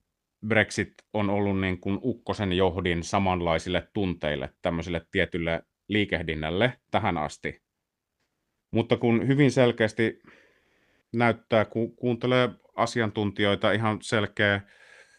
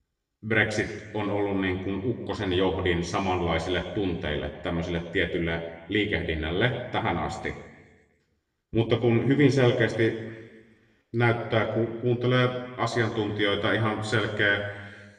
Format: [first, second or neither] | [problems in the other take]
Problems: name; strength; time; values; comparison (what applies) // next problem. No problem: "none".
first | room echo; slight; dies away in 1.1 s // off-mic speech; somewhat distant